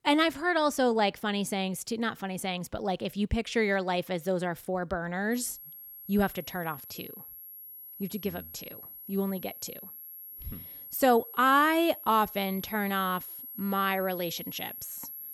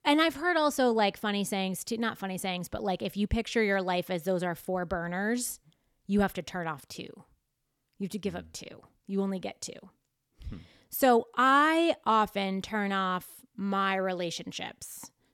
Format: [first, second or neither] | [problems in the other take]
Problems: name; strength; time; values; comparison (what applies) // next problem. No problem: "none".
second | high-pitched whine; noticeable; from 5.5 s on; 11.5 kHz, 10 dB below the speech